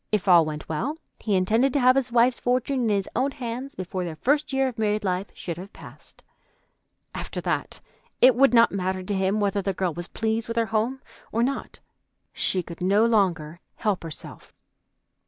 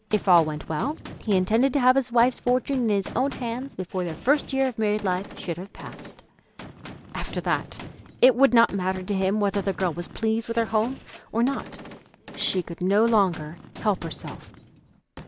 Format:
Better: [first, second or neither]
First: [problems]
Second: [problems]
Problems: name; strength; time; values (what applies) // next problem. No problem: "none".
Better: first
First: none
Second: background sound (Gunshot, gunfire); 17 dB below the speech